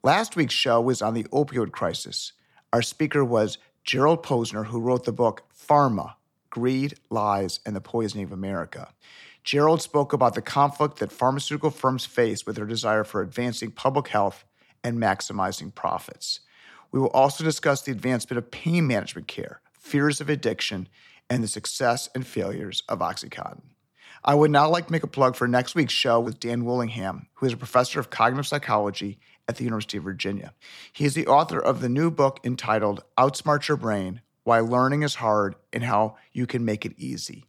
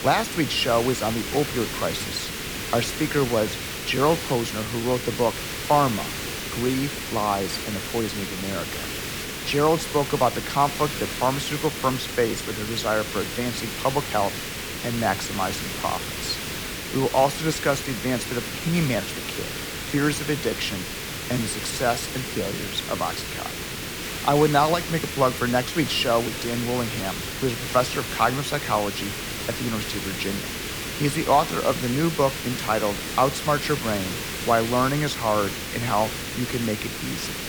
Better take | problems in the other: first | hiss; loud; throughout; 4 dB below the speech

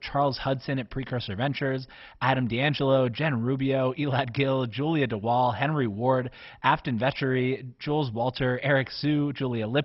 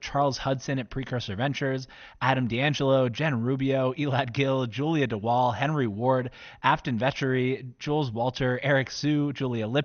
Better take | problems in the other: second | garbled, watery; badly; nothing above 5.5 kHz; slightly in the second

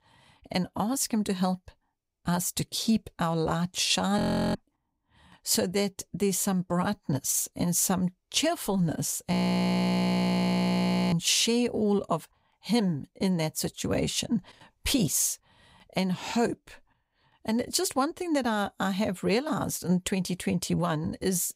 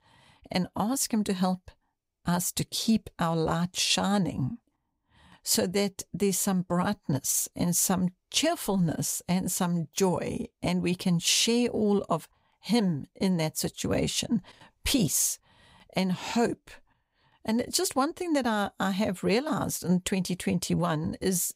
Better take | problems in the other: second | audio freezing; at 4 s and at 9.5 s for 2 s

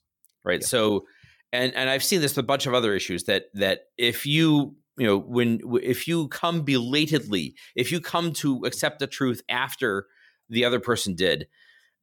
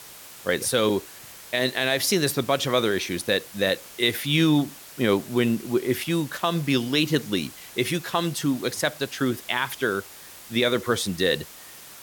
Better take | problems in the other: first | hiss; noticeable; throughout; 15 dB below the speech

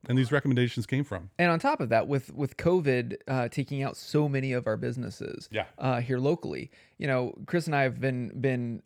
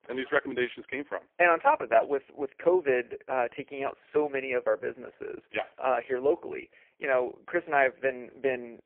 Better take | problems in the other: first | phone-call audio; poor line

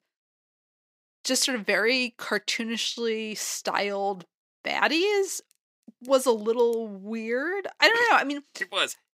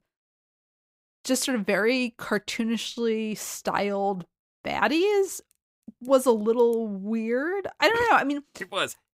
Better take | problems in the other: second | thin; very slightly; fading below 250 Hz

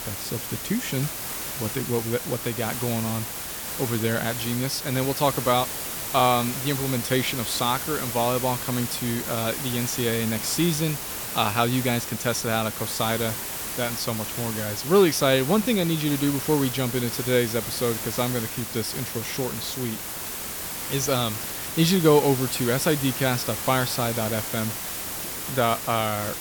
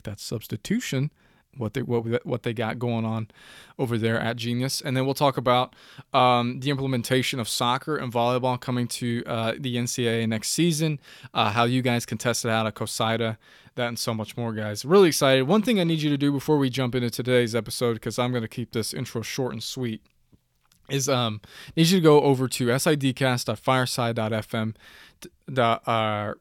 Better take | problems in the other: second | hiss; loud; throughout; 4 dB below the speech

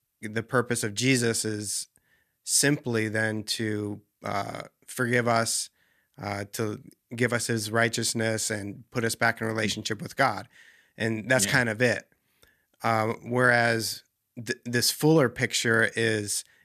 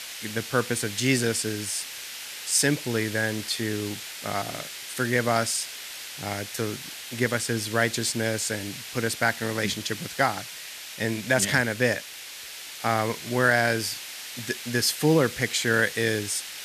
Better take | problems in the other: first | hiss; loud; throughout; 10 dB below the speech

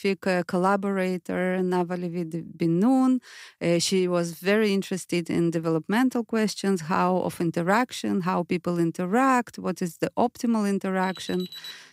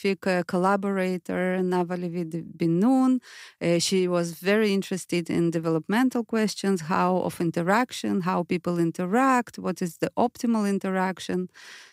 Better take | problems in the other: second | alarm; faint; at 11 s; peak 15 dB below the speech

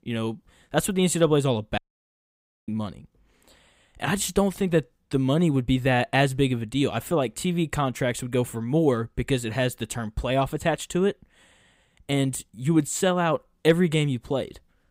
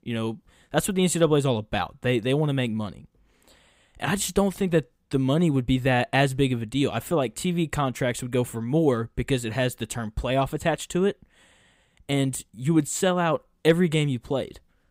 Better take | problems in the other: second | audio cutting out; at 2 s for 1 s

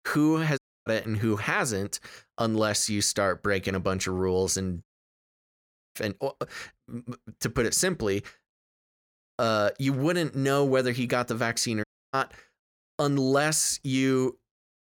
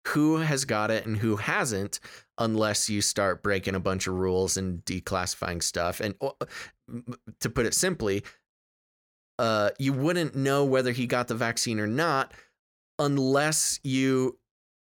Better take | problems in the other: second | audio cutting out; at 0.5 s, at 5 s for 1 s and at 12 s

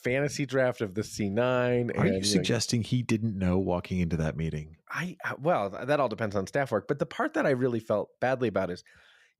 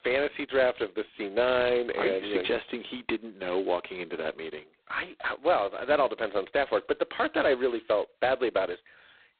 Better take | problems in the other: first | phone-call audio; poor line; nothing above 4 kHz

